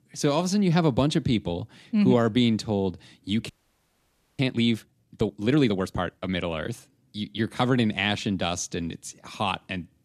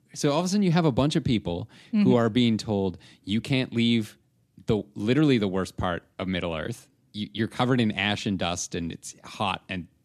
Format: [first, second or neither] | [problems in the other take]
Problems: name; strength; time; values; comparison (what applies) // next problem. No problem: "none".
second | audio freezing; at 3.5 s for 1 s